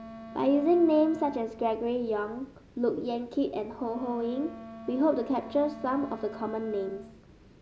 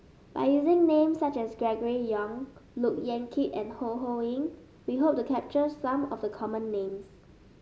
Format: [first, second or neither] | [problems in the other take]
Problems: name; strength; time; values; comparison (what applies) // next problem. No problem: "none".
second | background sound (Wind instrument, woodwind instrument); 17 dB below the speech